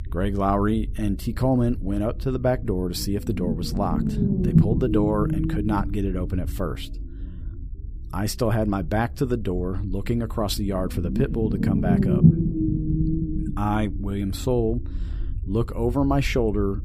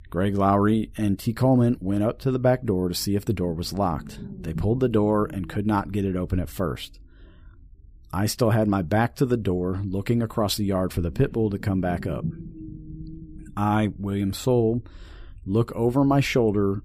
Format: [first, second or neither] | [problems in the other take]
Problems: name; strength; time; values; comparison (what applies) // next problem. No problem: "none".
second | low rumble; loud; throughout; 4 dB below the speech; faint in the second